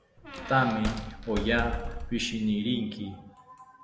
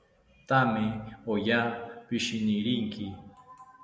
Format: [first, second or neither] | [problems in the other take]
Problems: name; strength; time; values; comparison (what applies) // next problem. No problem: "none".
second | background sound (Squeak); 6 dB below the speech